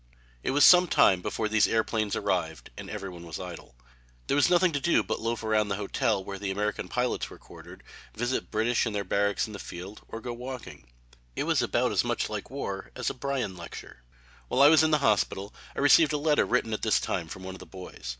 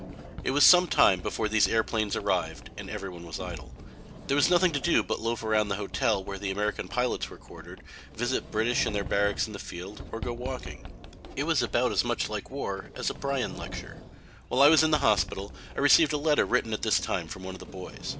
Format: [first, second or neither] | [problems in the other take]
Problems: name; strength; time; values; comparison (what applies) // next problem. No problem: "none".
first | background sound (Sliding door); 13 dB below the speech